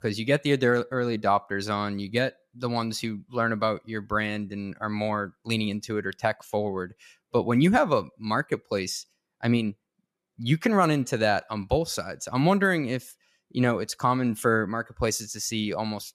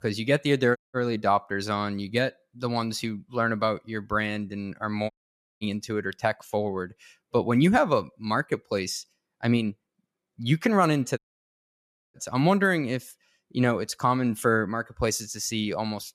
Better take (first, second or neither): first